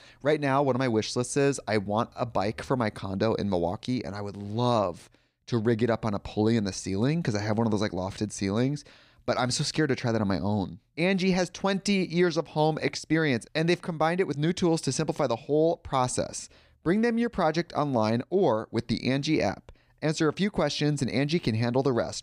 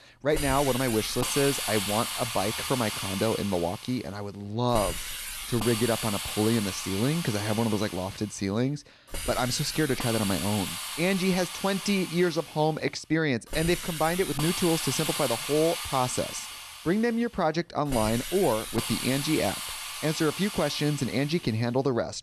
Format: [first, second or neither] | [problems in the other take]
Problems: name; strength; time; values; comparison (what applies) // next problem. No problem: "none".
first | hiss; loud; throughout; 5 dB below the speech